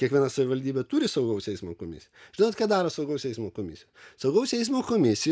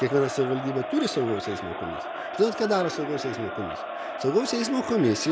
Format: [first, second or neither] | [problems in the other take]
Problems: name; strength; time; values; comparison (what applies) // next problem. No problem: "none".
first | background sound (Crowd); 7 dB below the speech